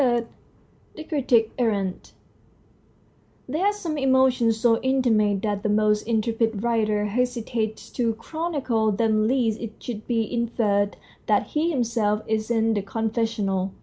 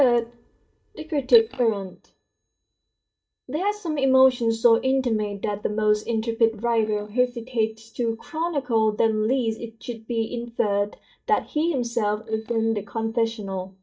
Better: first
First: none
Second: noise reduction (neural mask model DeepFilterNet 3)

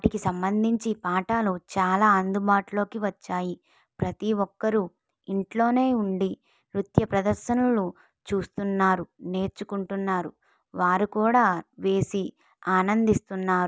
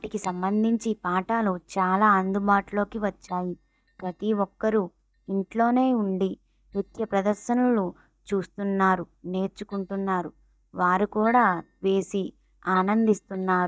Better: first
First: none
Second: noise reduction (neural mask model DeepFilterNet 3)

